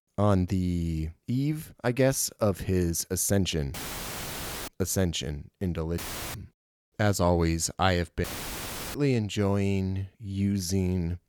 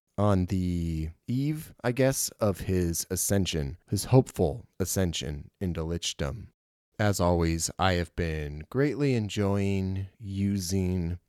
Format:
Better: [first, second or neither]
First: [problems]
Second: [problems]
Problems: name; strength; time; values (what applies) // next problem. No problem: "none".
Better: second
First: audio cutting out; filled with static; at 3.5 s for 1 s, at 6 s and at 8 s for 0.5 s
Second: none